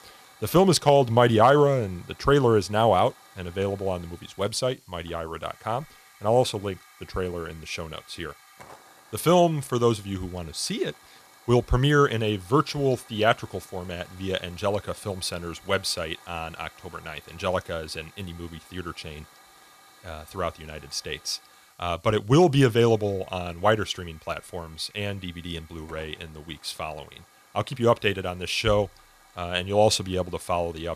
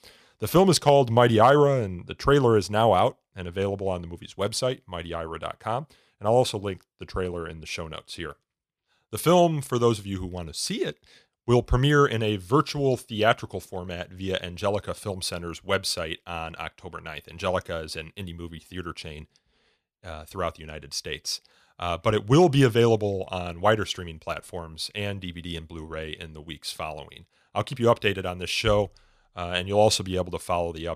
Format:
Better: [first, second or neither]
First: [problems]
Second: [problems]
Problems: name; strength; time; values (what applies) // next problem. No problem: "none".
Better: second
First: hiss; faint; throughout; 25 dB below the speech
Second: none